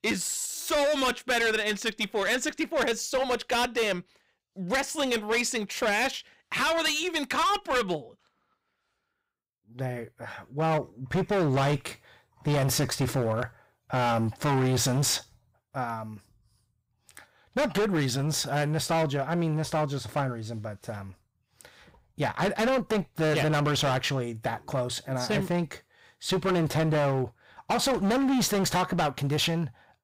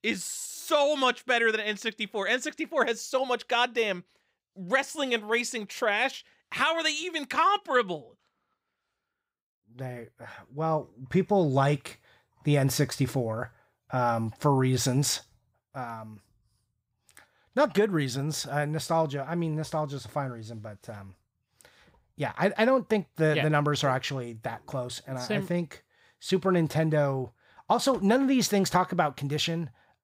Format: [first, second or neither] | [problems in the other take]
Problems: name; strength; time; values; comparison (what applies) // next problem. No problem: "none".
second | distortion; heavy; 16% of the sound clipped